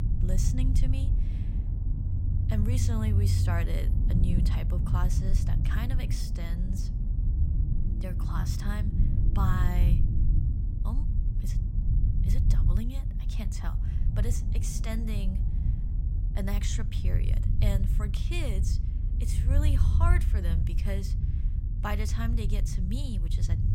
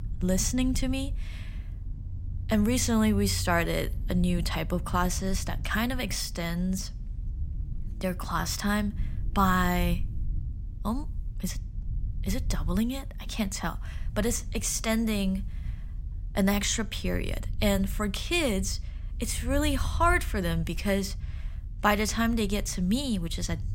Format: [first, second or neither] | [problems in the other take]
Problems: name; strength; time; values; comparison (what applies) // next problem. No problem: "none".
second | low rumble; loud; throughout; 4 dB below the speech; faint in the second